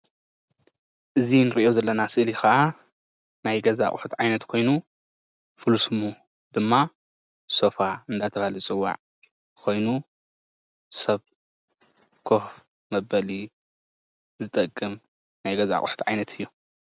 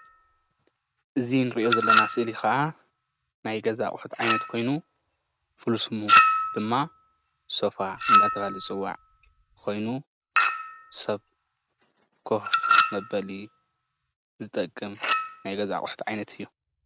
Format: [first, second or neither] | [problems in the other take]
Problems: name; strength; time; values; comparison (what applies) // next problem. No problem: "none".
first | background sound (Chink, clink); 3 dB above the speech